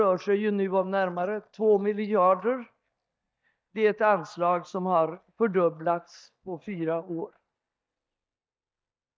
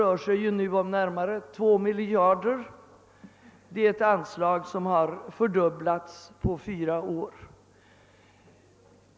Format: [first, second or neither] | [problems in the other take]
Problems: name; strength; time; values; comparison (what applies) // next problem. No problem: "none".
second | noise reduction (neural mask model DeepFilterNet 3)